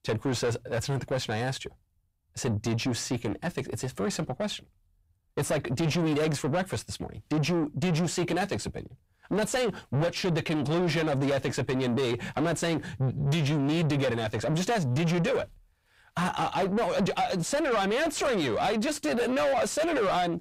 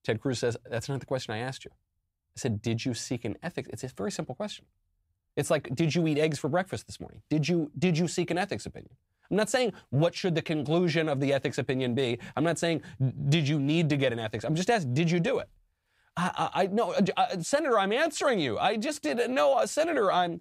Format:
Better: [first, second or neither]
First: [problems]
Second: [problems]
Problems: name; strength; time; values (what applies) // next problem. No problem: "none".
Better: second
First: distortion; heavy; 7 dB below the speech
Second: none